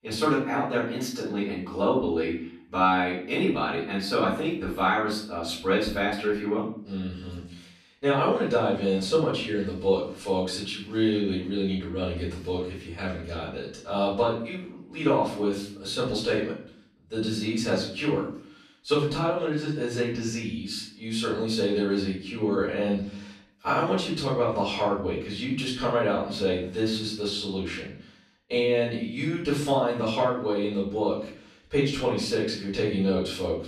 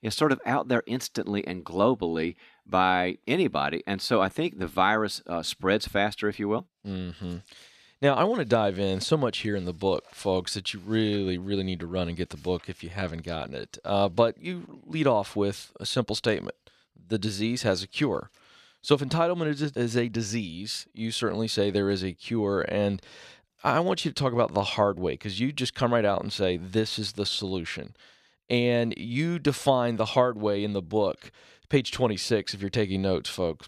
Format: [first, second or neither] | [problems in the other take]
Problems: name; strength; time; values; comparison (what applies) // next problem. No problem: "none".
second | room echo; noticeable; dies away in 0.5 s // off-mic speech; far